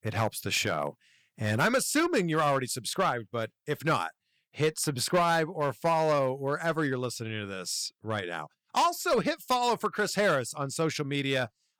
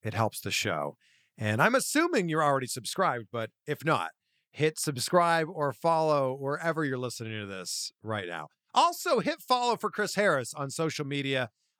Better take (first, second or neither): second